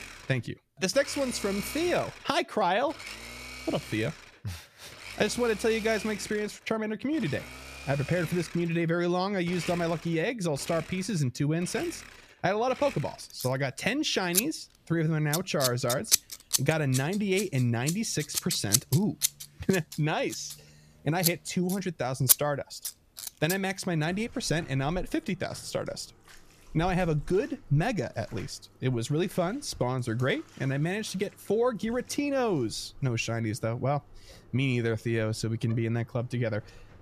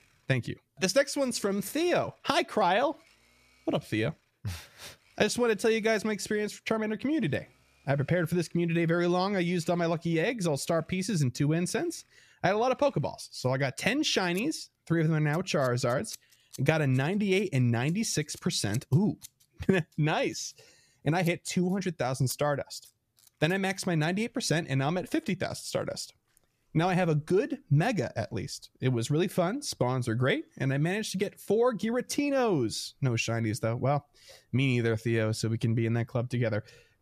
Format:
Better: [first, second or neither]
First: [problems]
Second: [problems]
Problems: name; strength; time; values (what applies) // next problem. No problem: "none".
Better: second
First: household noises; loud; throughout; 4 dB below the speech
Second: household noises; faint; throughout; 25 dB below the speech